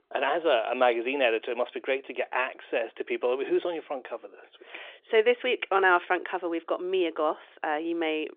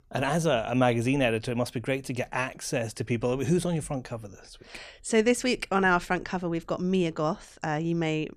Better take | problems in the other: second | phone-call audio; nothing above 3 kHz

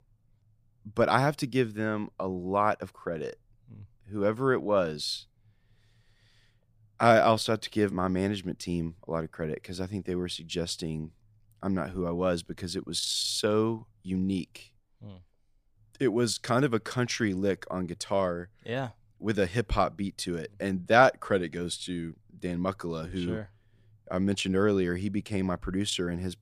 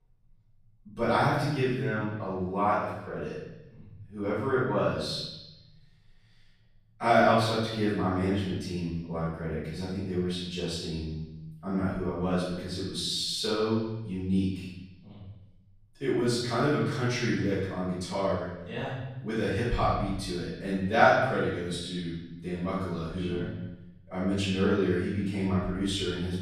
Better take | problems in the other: first | room echo; strong; dies away in 1.1 s // off-mic speech; far

